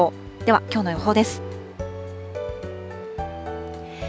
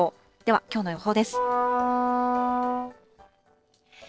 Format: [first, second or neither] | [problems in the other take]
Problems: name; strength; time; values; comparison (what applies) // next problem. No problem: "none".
first | noise reduction (neural separator model SepFormer DNS4)